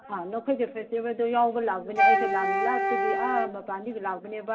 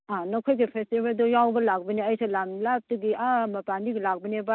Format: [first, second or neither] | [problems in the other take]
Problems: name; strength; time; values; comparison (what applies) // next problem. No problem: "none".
second | background sound (Wind instrument, woodwind instrument); 3 dB above the speech // room echo; dies away in 1.9 s